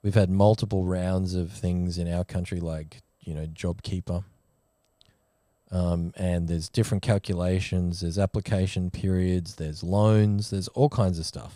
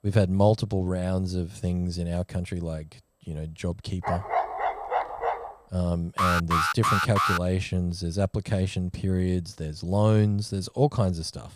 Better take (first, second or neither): first